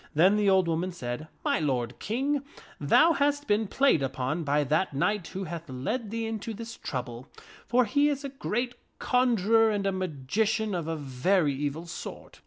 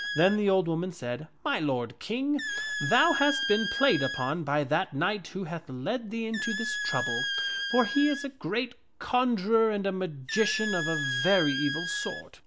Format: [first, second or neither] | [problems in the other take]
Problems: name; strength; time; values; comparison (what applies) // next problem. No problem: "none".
first | background sound (Squeak); 6 dB below the speech